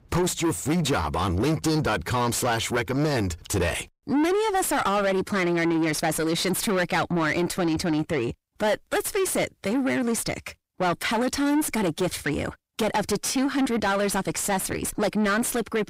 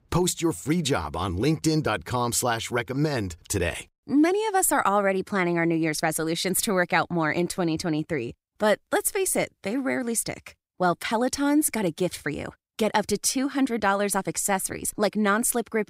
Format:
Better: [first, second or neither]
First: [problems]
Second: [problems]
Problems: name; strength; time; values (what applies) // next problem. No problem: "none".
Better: second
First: distortion; heavy; 6 dB below the speech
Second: none